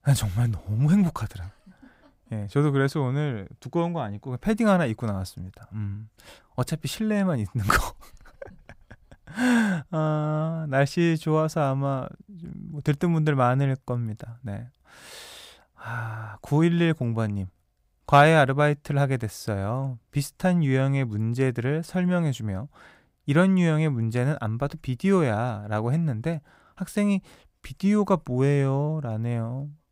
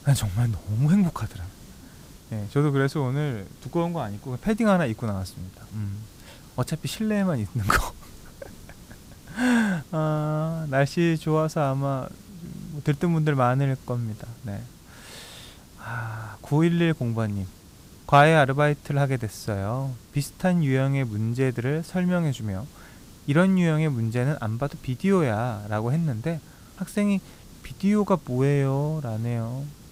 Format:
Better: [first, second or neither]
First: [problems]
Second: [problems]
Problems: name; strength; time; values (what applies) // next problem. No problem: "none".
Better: first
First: none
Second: hiss; faint; throughout; 25 dB below the speech